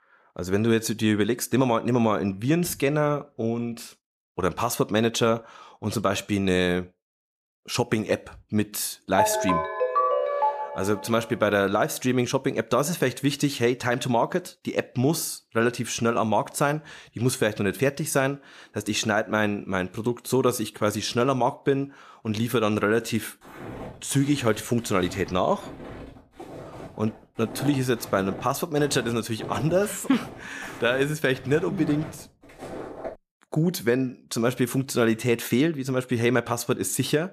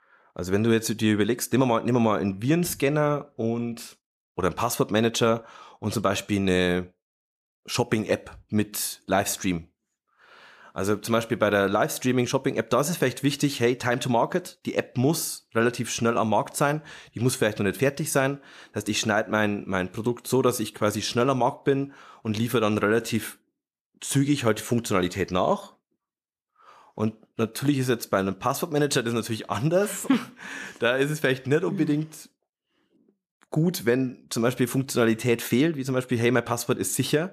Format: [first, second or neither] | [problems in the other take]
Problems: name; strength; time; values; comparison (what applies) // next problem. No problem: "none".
second | phone ringing; loud; from 9 to 11 s; peak 2 dB above the speech // footsteps; faint; from 23 to 33 s; peak 10 dB below the speech